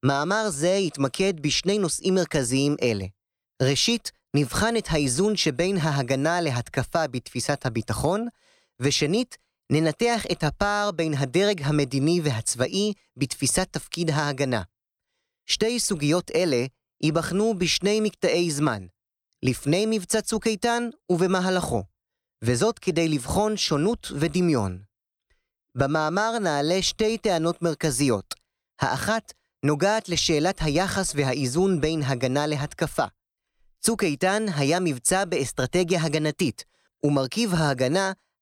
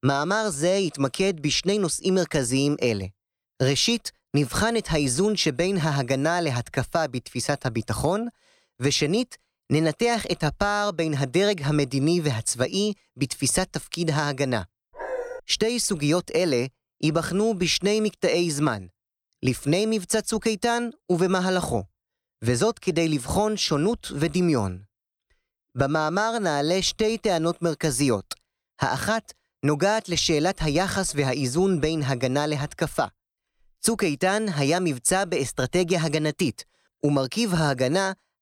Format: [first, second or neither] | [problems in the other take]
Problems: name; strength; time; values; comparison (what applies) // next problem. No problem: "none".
first | dog barking; noticeable; at 15 s; peak 8 dB below the speech